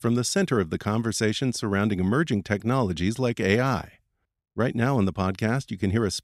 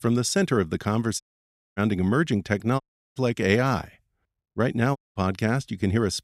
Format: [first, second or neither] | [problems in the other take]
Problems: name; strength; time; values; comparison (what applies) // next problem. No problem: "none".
first | audio cutting out; at 1 s for 0.5 s, at 3 s and at 5 s